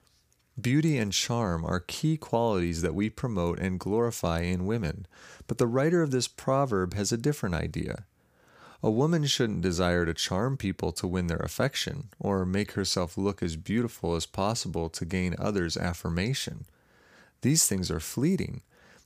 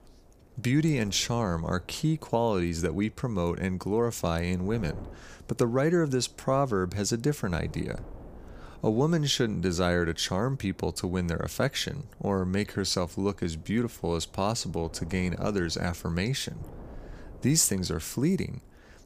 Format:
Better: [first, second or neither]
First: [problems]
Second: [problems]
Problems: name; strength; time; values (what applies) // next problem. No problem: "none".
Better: first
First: none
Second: wind noise on the microphone; occasional gusts; 25 dB below the speech